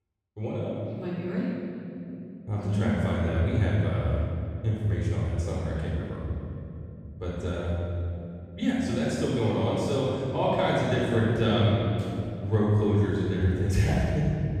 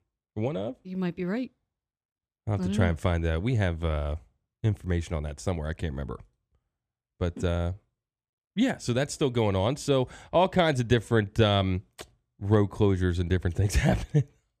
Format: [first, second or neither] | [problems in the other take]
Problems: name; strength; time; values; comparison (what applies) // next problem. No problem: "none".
second | off-mic speech; far // room echo; strong; dies away in 3 s